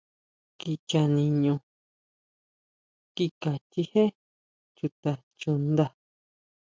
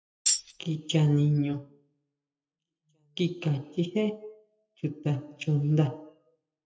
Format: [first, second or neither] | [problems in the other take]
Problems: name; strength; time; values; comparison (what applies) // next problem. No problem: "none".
first | noise reduction (classical method WPE with log-MMSE)